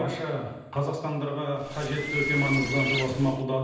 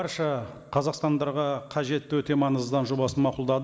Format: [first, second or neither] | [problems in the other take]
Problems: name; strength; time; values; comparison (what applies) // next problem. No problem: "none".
second | background sound (Bird); 3 dB below the speech // room echo; dies away in 0.9 s